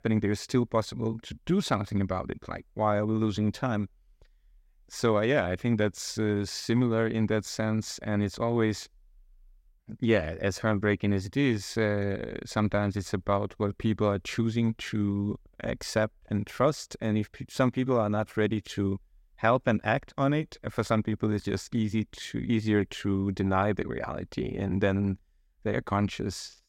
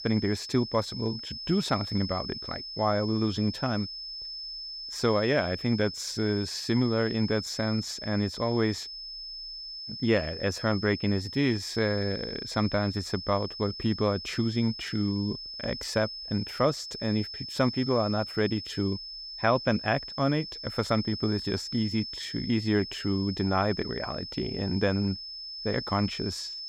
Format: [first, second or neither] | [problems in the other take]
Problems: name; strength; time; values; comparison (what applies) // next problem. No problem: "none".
first | high-pitched whine; loud; throughout; 5 kHz, 8 dB below the speech